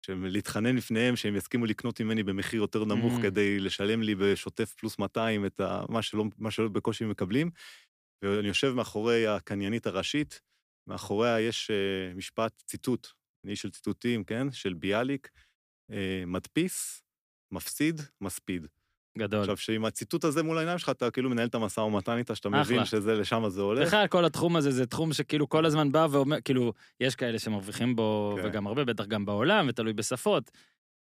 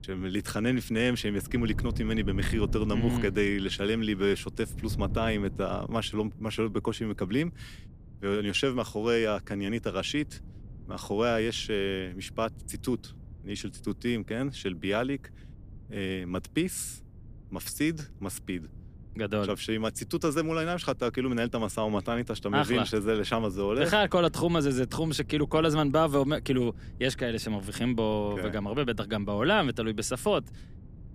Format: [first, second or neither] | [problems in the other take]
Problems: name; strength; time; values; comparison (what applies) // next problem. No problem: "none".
first | wind noise on the microphone; occasional gusts; 25 dB below the speech